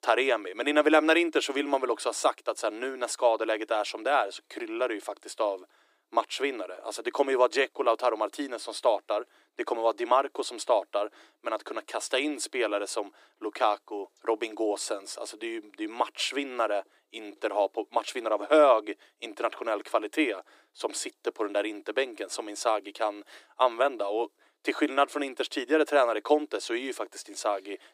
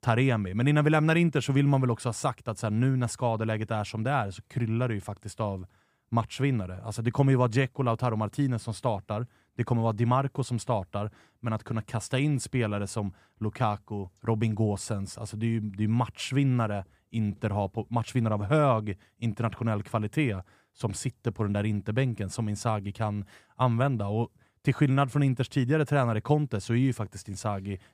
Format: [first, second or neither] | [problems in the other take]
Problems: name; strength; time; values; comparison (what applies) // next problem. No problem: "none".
second | thin; very; fading below 300 Hz